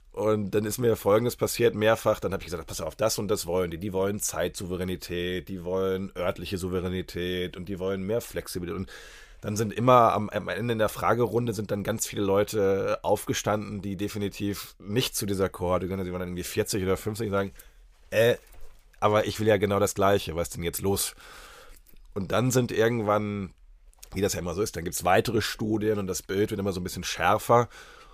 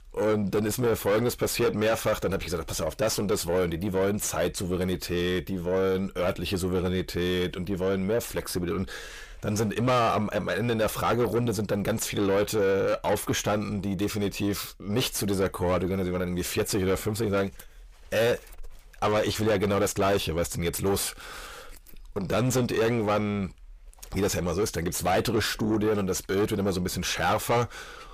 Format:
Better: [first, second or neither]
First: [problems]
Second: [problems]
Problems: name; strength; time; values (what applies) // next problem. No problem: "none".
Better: first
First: none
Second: distortion; heavy; 7 dB below the speech